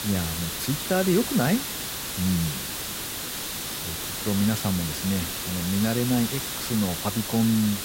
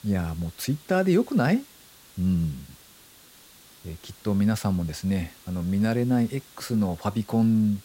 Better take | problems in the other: second | hiss; loud; throughout; 3 dB below the speech; faint in the second

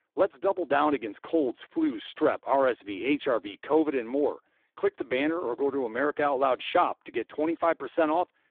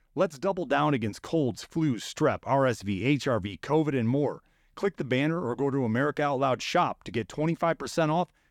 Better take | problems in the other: second | phone-call audio; poor line

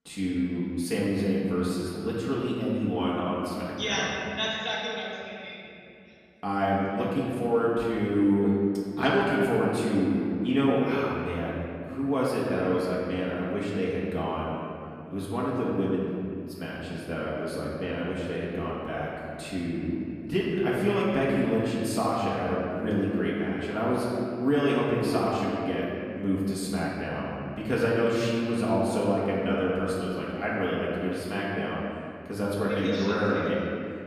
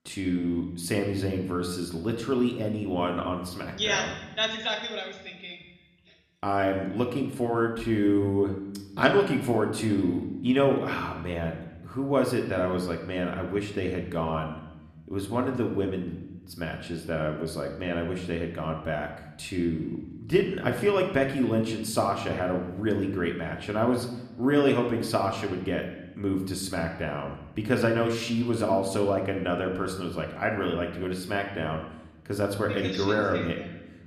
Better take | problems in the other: second | room echo; strong; dies away in 2.3 s; slight in the second // off-mic speech; far

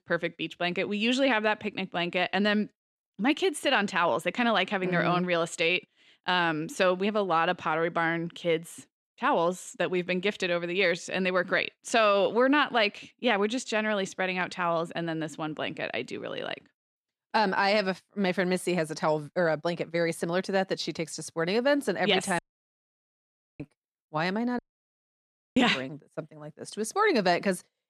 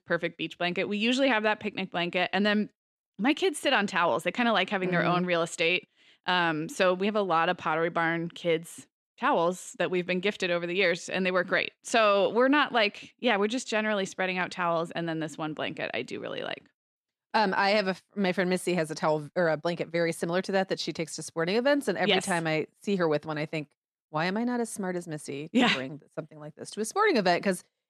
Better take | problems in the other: second | audio cutting out; at 22 s for 1 s and at 25 s for 1 s

